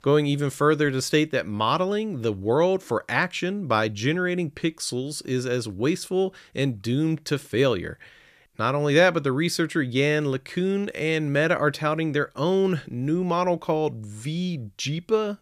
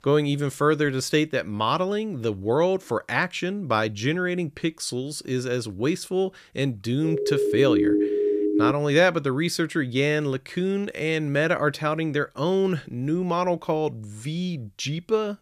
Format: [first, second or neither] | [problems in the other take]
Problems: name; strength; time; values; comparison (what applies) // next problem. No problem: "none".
first | siren; loud; from 7 to 8.5 s; peak 4 dB above the speech